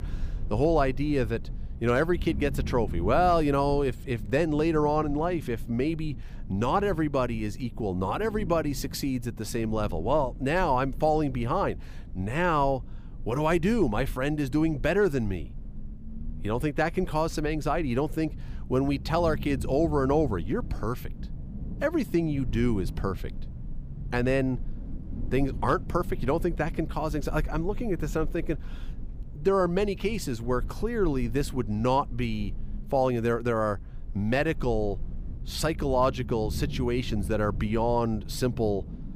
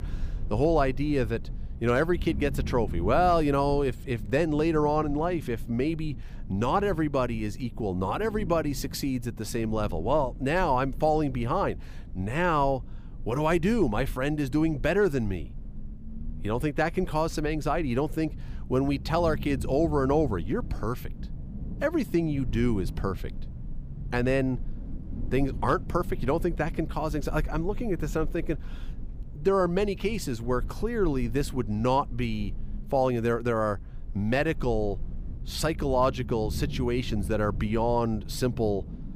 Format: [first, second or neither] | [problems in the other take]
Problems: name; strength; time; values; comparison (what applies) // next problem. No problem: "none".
neither | low rumble; faint; throughout; 20 dB below the speech; the same in both